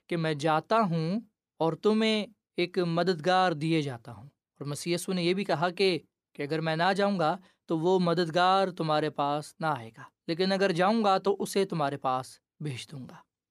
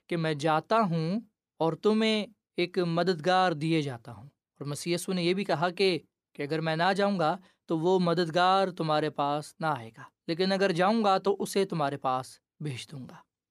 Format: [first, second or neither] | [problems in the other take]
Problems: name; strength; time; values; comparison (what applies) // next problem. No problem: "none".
neither | none